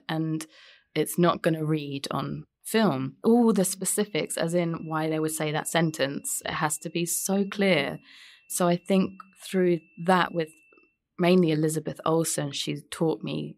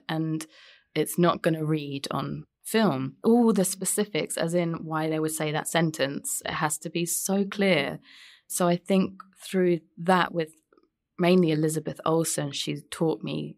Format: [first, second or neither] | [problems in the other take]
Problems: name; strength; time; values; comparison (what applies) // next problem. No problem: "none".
second | high-pitched whine; faint; from 4 to 11 s; 2.5 kHz, 35 dB below the speech